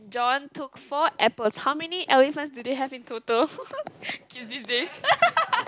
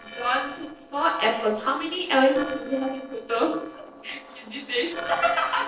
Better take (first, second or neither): first